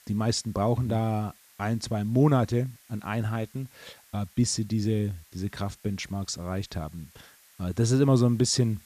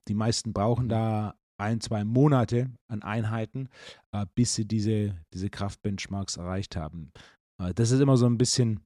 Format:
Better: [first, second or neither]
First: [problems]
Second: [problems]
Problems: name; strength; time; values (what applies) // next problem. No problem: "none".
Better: second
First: hiss; faint; throughout; 25 dB below the speech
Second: none